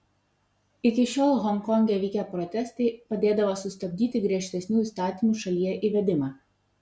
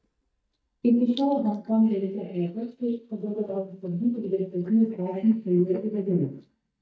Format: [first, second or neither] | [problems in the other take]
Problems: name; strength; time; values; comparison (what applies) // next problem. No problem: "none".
first | noise reduction (neural mask model DeepFilterNet 3)